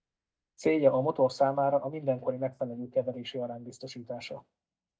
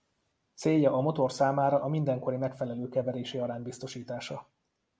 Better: second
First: noise reduction (neural mask model DeepFilterNet 3)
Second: none

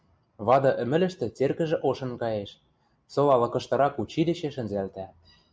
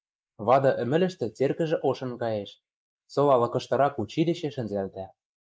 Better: first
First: none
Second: noise reduction (neural mask model Resemble Enhance denoiser)

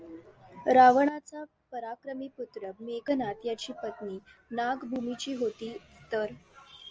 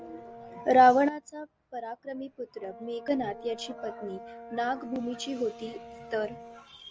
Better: first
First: none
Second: background sound (Brass instrument); 17 dB below the speech

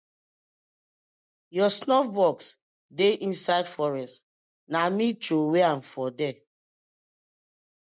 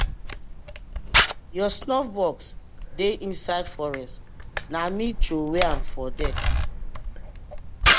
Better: first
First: none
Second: background sound (Camera); 3 dB above the speech

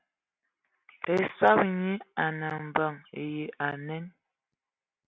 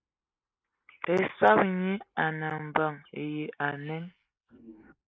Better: first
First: none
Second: noise reduction (neural mask model Resemble Enhance denoiser)

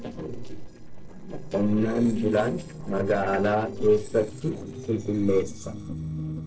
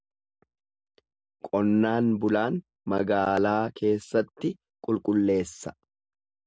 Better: second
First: noise reduction (neural separator model SepFormer DNS4)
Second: none

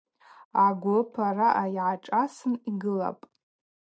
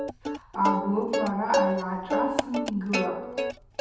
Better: first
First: none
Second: background sound (Plucked string instrument); 1 dB below the speech // room echo; dies away in 0.9 s

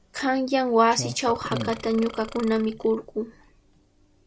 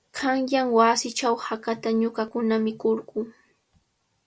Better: second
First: background sound (Clock + Burping, eructation); 13 dB below the speech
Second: none

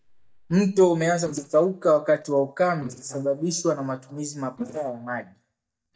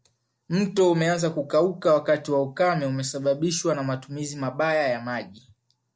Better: second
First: noise reduction (neural mask model DeepFilterNet 3)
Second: none

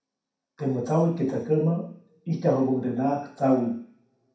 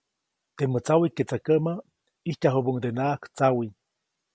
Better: second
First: room echo; dies away in 0.6 s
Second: none

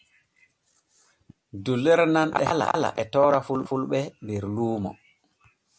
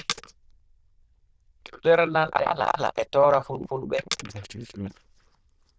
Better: first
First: none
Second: noise reduction (neural diffusion model UNIVERSE++)

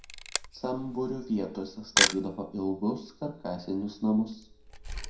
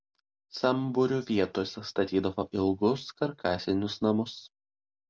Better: second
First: background sound (Camera); 2 dB below the speech // room echo; dies away in 0.5 s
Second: none

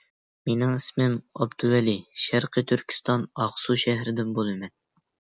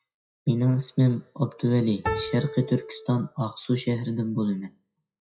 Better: first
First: none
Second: noise reduction (classical method WPE with log-MMSE)

